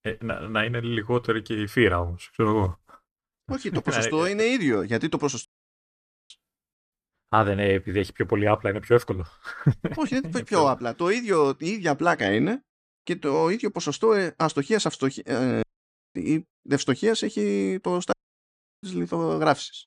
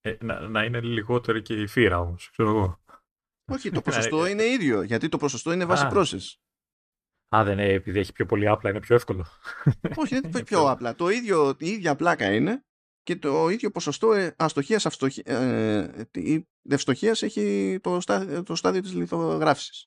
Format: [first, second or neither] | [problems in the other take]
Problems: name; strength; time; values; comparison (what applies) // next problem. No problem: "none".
second | audio cutting out; at 5.5 s for 1 s, at 16 s for 0.5 s and at 18 s for 0.5 s